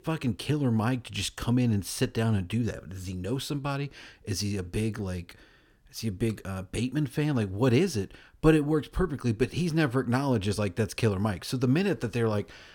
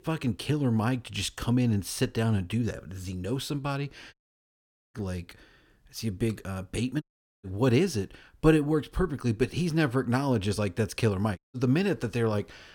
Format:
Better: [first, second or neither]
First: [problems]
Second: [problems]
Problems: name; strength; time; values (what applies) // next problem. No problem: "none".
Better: first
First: none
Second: audio cutting out; at 4 s for 1 s, at 7 s and at 11 s